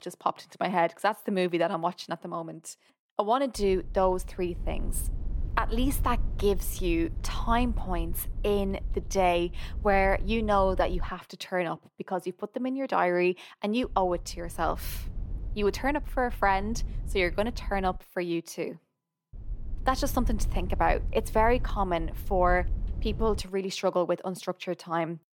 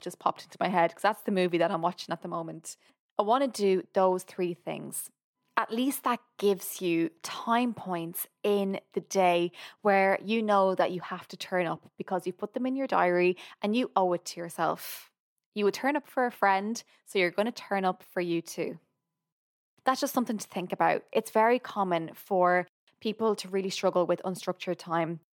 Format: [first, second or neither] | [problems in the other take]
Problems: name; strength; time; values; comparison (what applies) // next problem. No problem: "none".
second | low rumble; faint; from 3.5 to 11 s, from 14 to 18 s and from 19 to 23 s; 25 dB below the speech